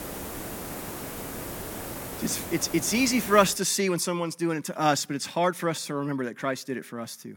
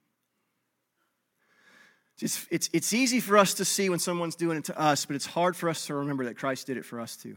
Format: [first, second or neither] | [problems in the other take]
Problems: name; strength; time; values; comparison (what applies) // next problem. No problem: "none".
second | hiss; loud; until 3.5 s; 10 dB below the speech